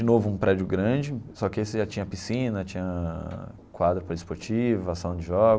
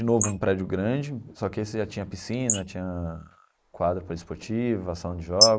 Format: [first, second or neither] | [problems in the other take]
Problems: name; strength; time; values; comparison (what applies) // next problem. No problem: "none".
first | noise reduction (neural mask model Resemble Enhance denoiser)